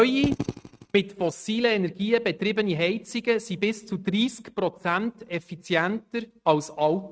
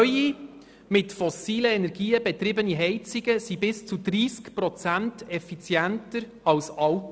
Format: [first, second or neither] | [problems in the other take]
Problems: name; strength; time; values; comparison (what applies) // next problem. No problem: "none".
second | noise reduction (neural mask model RNNoise)